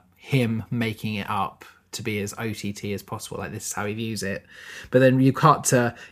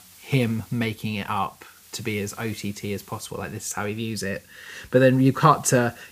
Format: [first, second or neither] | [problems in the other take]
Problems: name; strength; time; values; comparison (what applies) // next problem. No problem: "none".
first | hiss; faint; throughout; 25 dB below the speech